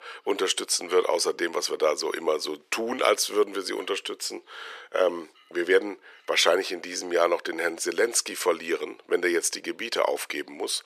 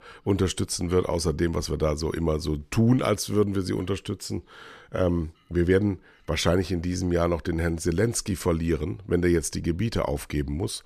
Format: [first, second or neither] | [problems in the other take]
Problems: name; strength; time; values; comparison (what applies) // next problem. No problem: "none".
second | thin; very; fading below 400 Hz